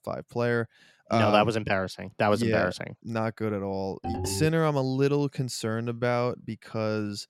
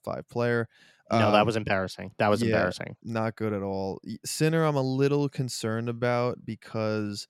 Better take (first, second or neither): second